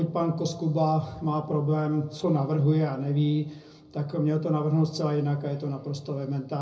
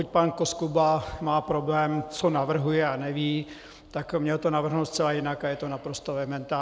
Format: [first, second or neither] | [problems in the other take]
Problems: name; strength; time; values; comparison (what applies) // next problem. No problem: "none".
second | room echo; dies away in 0.4 s